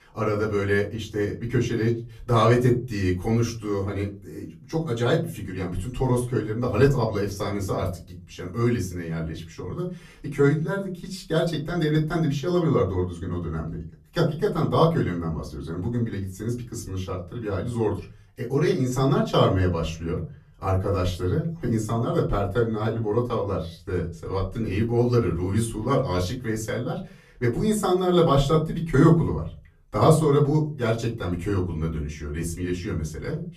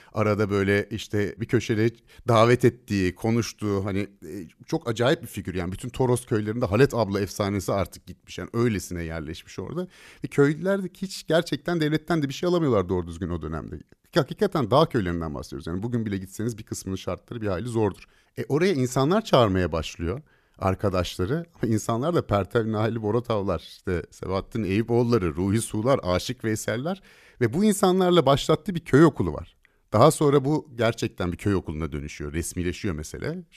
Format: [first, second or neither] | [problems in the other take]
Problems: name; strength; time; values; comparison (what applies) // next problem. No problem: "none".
second | off-mic speech; far // room echo; very slight; dies away in 0.3 s